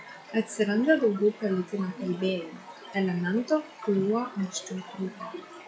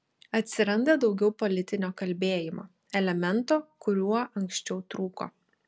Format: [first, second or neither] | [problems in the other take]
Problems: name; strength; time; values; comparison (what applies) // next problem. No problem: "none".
second | noise reduction (classical method log-MMSE)